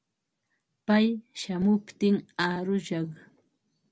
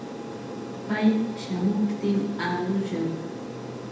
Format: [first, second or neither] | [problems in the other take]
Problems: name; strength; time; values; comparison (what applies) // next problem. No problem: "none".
first | background sound (Aircraft); 8 dB below the speech // room echo; dies away in 0.8 s